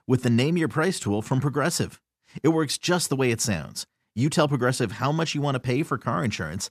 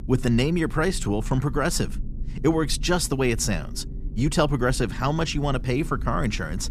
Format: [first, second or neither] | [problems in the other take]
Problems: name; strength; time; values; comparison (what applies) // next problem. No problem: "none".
first | low rumble; faint; throughout; 20 dB below the speech